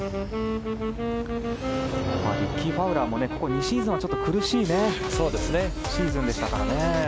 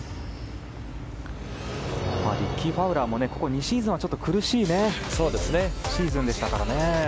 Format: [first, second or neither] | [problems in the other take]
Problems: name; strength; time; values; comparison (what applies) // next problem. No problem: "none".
second | background sound (Wind instrument, woodwind instrument); 4 dB below the speech